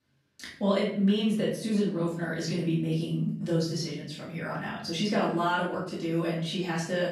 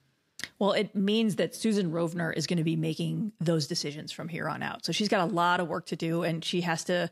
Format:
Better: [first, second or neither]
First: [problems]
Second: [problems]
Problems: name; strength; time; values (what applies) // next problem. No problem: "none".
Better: second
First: off-mic speech; far // room echo; noticeable; dies away in 0.7 s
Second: none